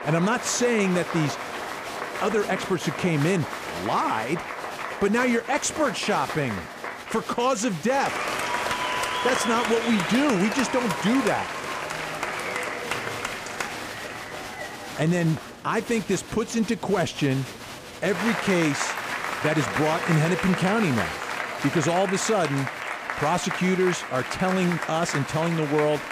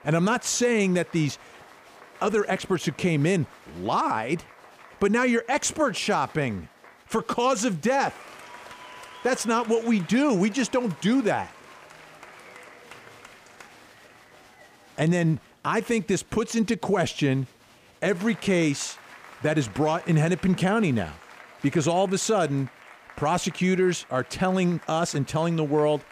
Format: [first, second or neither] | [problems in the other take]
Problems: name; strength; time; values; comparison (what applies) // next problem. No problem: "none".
second | crowd noise; loud; throughout; 5 dB below the speech; faint in the second